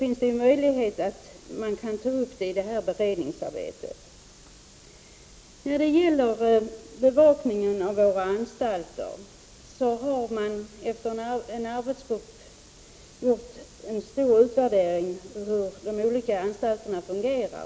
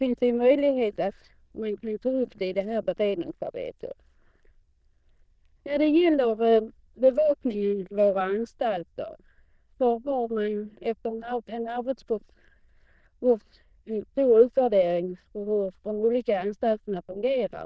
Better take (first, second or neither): first